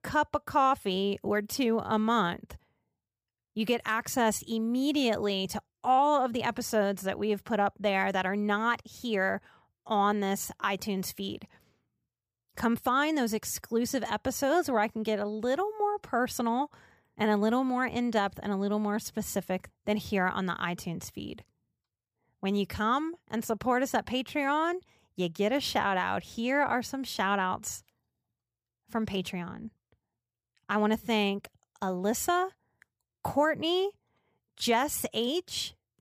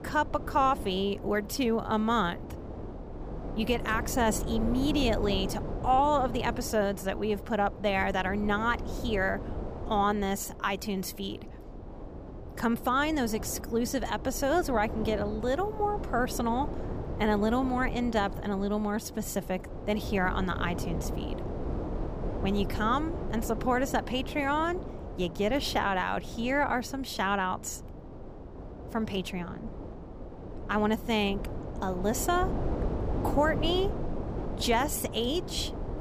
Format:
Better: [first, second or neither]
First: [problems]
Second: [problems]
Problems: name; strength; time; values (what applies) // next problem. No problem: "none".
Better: first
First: none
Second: wind noise on the microphone; occasional gusts; 10 dB below the speech